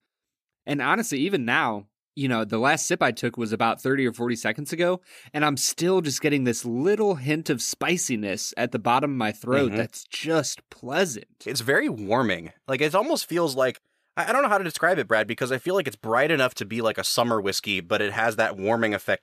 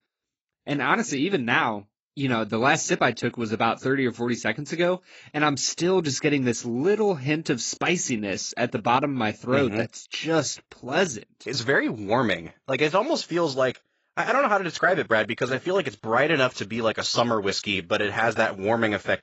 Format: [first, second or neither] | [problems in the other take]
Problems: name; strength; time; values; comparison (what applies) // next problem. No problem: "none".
first | garbled, watery; badly; nothing above 7.5 kHz